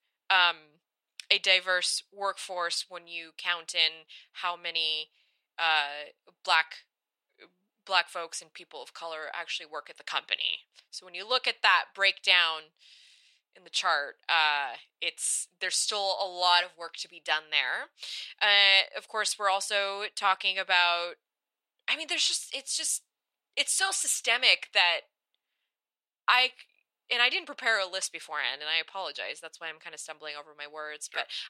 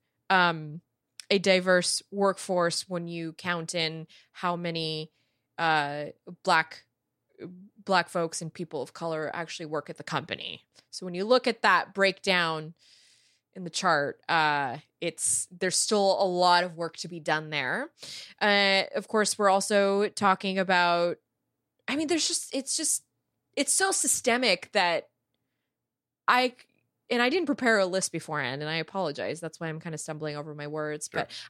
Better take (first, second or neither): second